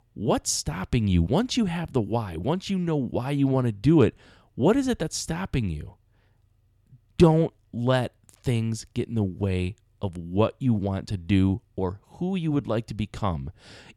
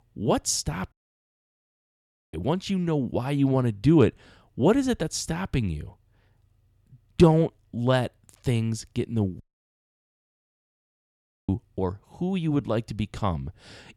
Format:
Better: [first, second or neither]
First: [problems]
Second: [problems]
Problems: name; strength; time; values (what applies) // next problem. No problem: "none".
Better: first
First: none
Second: audio cutting out; at 1 s for 1.5 s and at 9.5 s for 2 s